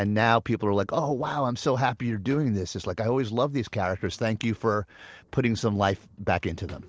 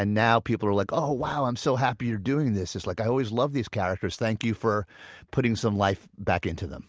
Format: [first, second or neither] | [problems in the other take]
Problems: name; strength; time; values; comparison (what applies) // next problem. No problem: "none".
second | noise reduction (neural separator model SepFormer DNS4)